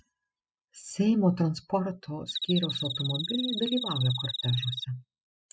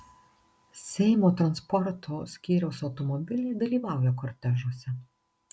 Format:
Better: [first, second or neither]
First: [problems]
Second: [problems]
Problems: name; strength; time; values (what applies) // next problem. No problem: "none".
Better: second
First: noise reduction (classical method spectral subtraction)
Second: none